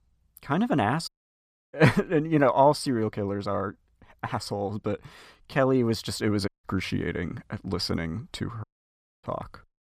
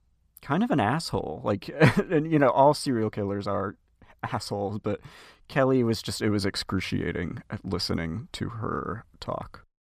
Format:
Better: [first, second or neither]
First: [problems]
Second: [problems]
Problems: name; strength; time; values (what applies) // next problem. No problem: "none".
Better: second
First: audio cutting out; at 1 s for 0.5 s, at 6.5 s and at 8.5 s for 0.5 s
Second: none